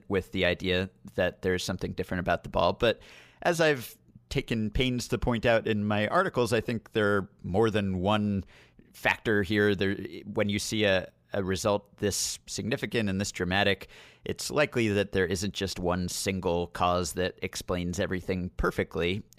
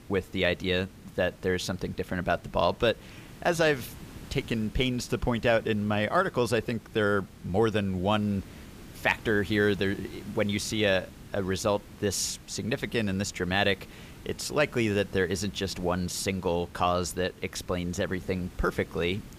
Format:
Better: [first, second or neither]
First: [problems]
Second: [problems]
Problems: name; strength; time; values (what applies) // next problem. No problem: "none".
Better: first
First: none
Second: hiss; noticeable; throughout; 20 dB below the speech